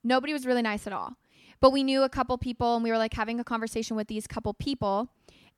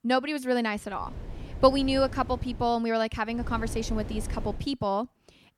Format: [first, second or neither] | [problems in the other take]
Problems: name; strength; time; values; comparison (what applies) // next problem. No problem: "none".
first | wind noise on the microphone; occasional gusts; from 1 to 2.5 s and from 3.5 to 4.5 s; 20 dB below the speech